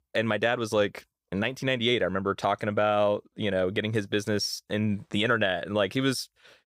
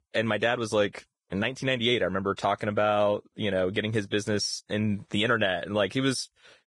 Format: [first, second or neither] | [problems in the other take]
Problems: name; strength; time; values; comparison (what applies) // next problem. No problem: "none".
first | garbled, watery; badly; nothing above 10 kHz